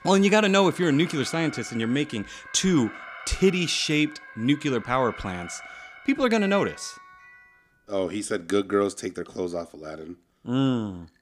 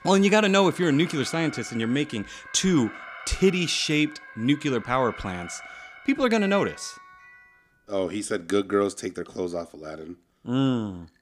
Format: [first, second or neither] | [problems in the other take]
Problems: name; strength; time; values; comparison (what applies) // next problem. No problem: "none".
neither | alarms or sirens; noticeable; until 7 s; 15 dB below the speech; the same in both